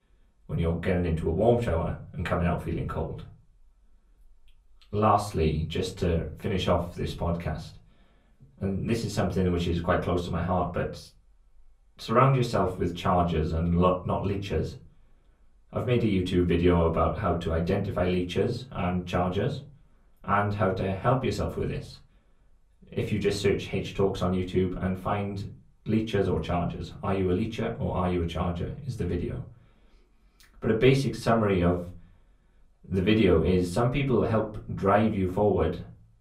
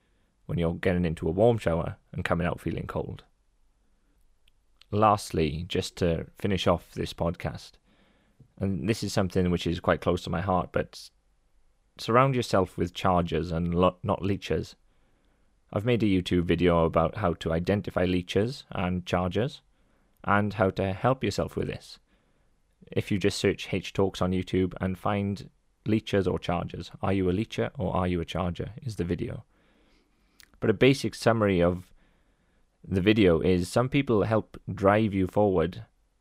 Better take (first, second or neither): second